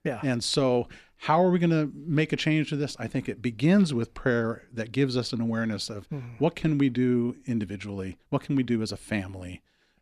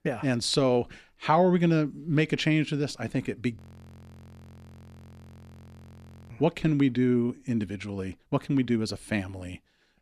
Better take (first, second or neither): first